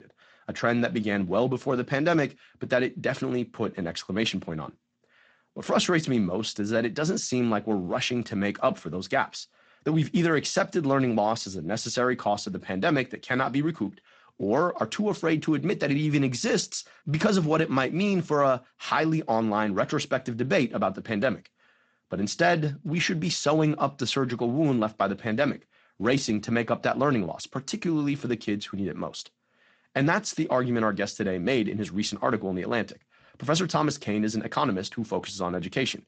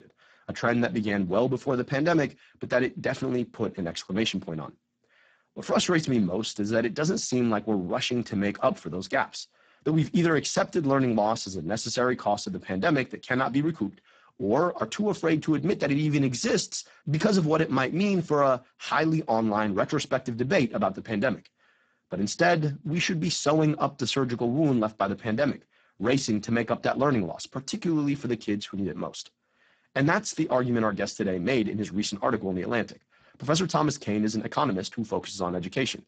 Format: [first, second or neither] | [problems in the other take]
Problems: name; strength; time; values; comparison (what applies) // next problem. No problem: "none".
first | garbled, watery; badly; nothing above 7.5 kHz; slightly in the first